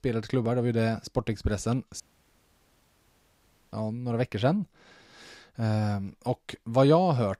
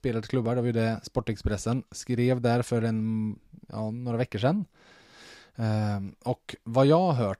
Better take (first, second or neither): second